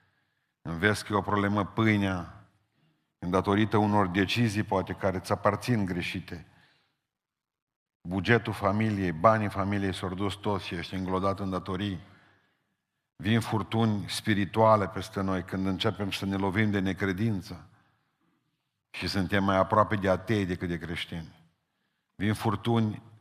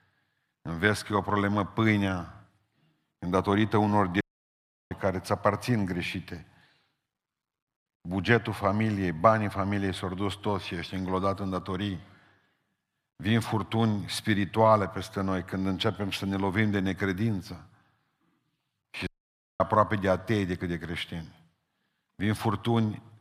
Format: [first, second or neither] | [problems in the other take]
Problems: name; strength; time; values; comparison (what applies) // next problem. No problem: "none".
first | audio cutting out; at 4 s for 0.5 s and at 19 s for 0.5 s